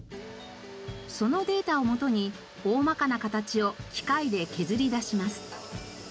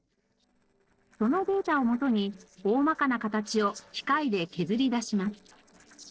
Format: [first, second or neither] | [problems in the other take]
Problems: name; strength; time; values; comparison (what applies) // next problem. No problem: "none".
first | noise reduction (neural separator model SepFormer DNS4)